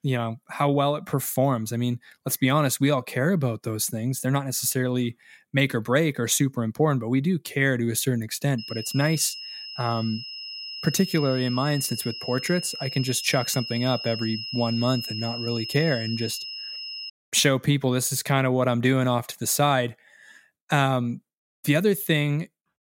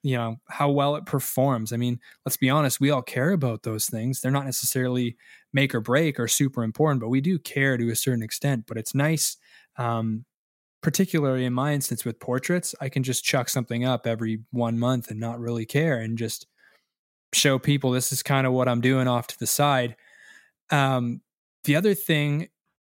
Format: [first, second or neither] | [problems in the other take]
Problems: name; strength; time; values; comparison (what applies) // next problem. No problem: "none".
second | high-pitched whine; loud; from 8.5 to 17 s; 5 kHz, 8 dB below the speech